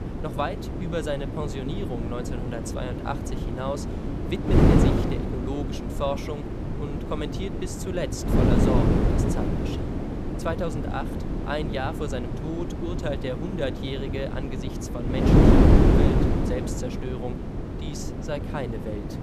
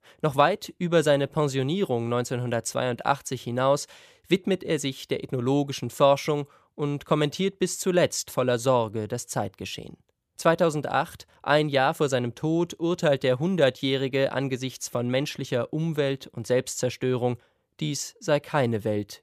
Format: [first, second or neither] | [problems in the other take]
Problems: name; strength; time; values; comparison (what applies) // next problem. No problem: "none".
second | wind noise on the microphone; heavy; 2 dB above the speech